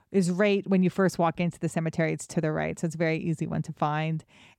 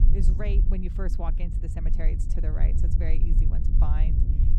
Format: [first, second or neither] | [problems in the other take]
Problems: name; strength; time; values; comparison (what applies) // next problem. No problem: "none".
first | low rumble; loud; throughout; 4 dB below the speech